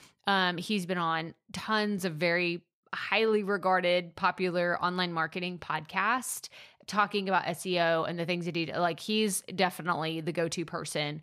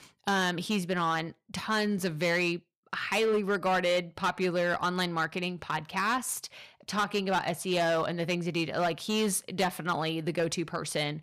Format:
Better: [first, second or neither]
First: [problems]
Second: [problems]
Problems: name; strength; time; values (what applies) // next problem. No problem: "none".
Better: first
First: none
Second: distortion; slight; 7% of the sound clipped